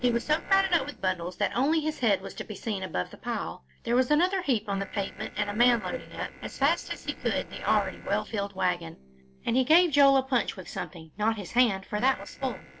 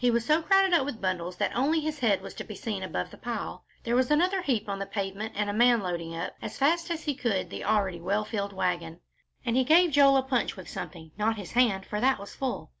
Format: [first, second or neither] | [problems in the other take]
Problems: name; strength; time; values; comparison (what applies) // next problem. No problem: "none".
second | noise reduction (neural separator model SepFormer DNS4)